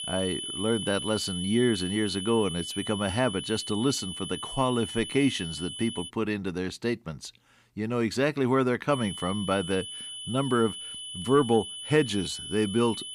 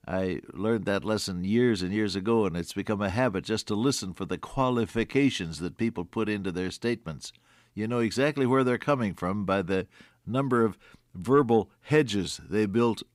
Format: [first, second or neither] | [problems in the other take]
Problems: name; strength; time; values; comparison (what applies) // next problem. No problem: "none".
second | high-pitched whine; loud; until 6 s and from 9 s on; 3 kHz, 7 dB below the speech